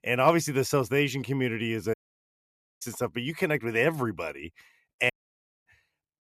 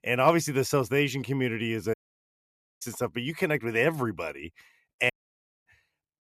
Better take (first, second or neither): neither